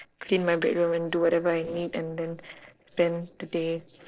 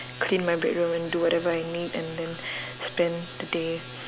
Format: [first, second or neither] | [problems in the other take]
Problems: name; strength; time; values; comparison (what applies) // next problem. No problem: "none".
second | noise reduction (neural separator model SepFormer DNS4)